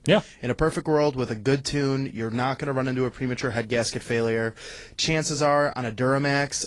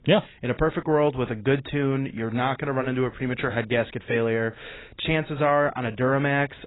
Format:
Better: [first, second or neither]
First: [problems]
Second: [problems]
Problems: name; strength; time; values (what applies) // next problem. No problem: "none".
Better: first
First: garbled, watery; slightly; nothing above 10.5 kHz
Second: garbled, watery; badly; nothing above 4 kHz